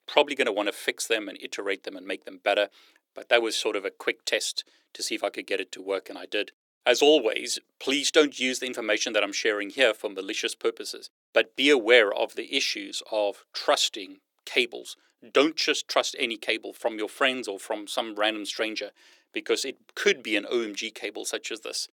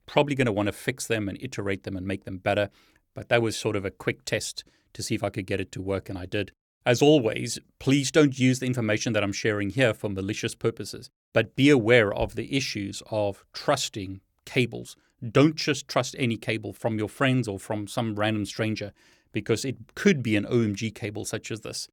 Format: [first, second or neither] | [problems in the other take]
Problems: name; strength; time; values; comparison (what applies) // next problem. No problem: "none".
second | thin; somewhat; fading below 350 Hz